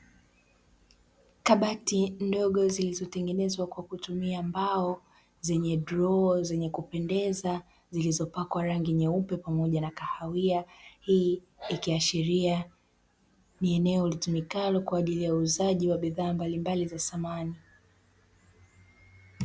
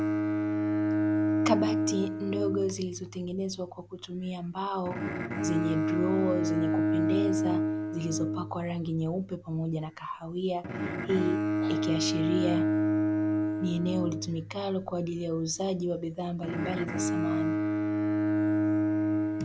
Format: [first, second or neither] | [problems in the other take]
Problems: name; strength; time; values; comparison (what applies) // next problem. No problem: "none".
first | background sound (Bowed string instrument); 3 dB above the speech